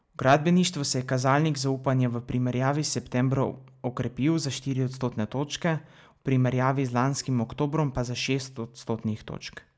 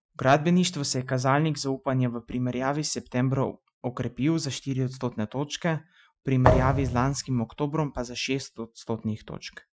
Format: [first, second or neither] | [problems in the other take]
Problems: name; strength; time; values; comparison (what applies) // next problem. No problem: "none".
first | noise reduction (classical method Wiener filter)